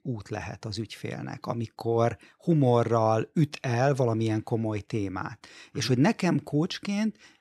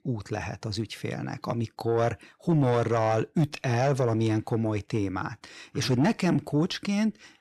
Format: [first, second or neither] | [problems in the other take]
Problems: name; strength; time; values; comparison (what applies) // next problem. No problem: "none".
first | distortion; slight; 10 dB below the speech